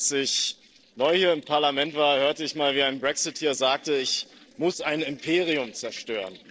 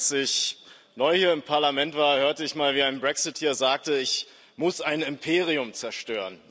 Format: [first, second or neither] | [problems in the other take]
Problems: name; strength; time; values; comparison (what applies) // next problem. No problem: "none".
second | noise reduction (neural separator model SepFormer DNS4)